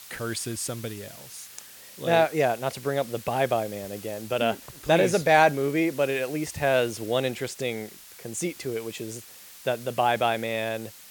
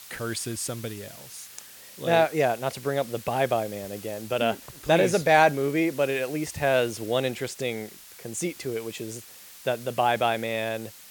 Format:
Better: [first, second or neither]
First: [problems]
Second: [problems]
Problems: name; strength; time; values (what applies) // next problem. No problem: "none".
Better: neither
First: hiss; noticeable; throughout; 15 dB below the speech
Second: hiss; noticeable; throughout; 15 dB below the speech